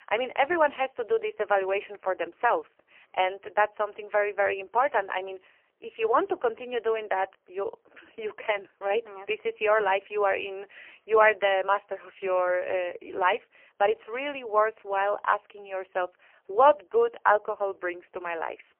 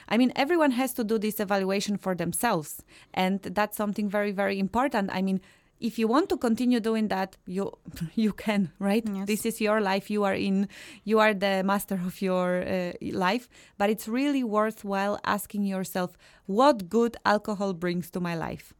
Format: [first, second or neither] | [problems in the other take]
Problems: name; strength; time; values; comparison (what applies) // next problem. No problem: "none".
second | phone-call audio; poor line; nothing above 3 kHz